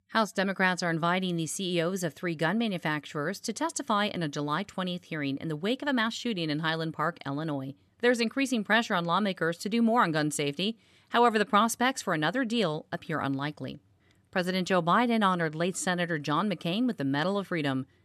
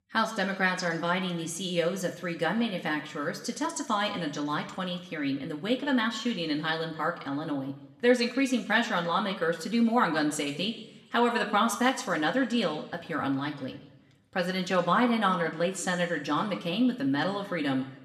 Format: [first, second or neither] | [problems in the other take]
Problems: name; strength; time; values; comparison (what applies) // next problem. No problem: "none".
first | room echo; slight; dies away in 0.9 s